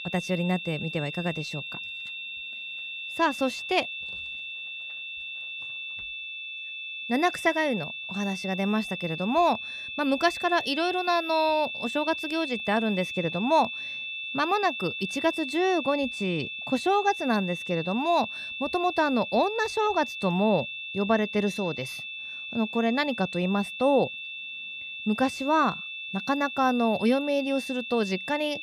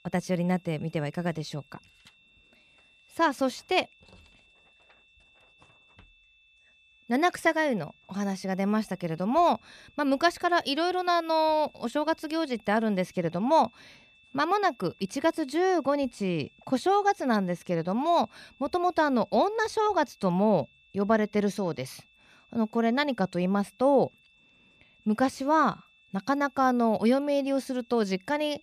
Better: second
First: high-pitched whine; loud; throughout; 2.5 kHz, 7 dB below the speech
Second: high-pitched whine; faint; throughout; 2.5 kHz, 30 dB below the speech

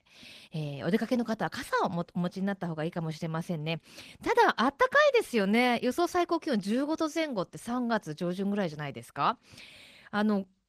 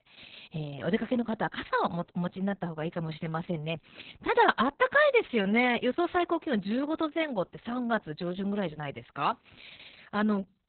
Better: first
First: garbled, watery; slightly; nothing above 14.5 kHz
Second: garbled, watery; badly; nothing above 4 kHz

